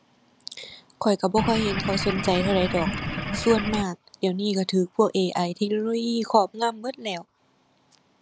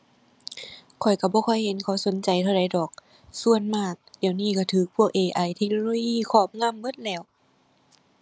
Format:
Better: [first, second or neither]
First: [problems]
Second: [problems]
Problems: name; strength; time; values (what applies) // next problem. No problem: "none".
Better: second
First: background sound (Engine / Boat, Water vehicle); 3 dB below the speech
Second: none